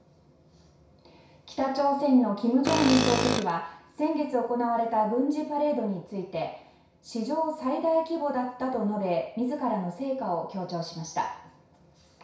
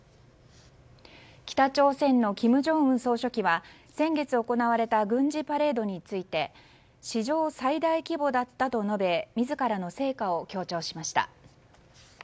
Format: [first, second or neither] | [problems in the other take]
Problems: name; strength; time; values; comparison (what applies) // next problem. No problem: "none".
second | background sound (Tools); as loud as the speech // room echo; dies away in 0.6 s